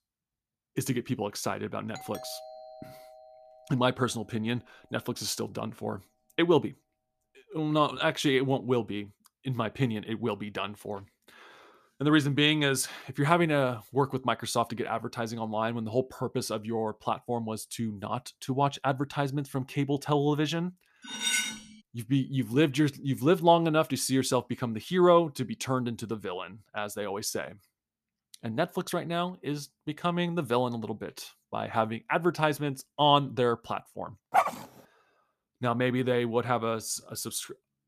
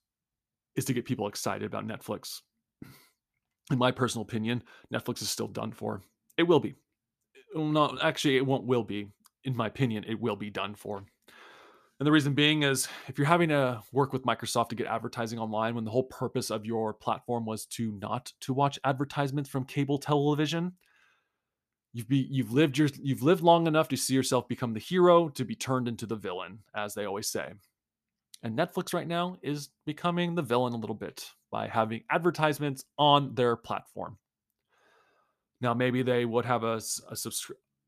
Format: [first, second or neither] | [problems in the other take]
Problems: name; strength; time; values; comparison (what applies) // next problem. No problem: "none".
second | doorbell; faint; from 2 to 4 s; peak 15 dB below the speech // clattering dishes; loud; at 21 s; peak 2 dB above the speech // dog barking; loud; at 34 s; peak 2 dB above the speech